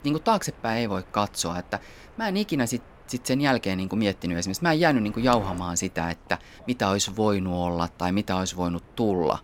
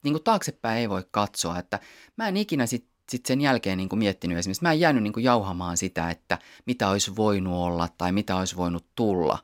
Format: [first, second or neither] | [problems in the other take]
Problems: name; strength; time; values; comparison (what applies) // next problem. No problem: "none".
second | wind noise on the microphone; occasional gusts; 20 dB below the speech